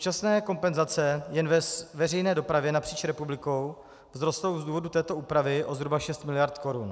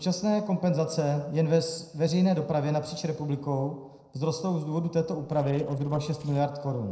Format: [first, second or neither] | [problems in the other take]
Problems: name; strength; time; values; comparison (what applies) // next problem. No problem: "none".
first | noise reduction (neural separator model SepFormer DNS4)